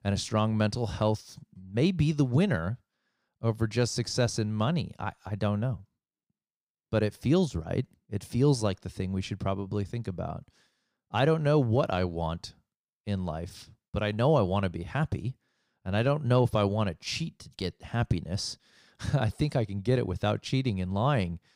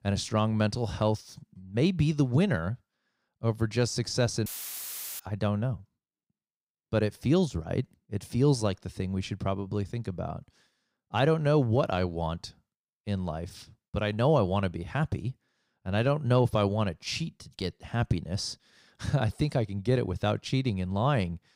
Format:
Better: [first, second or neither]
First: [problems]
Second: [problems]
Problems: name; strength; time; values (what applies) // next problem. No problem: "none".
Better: first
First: none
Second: audio cutting out; filled with static; at 4.5 s for 0.5 s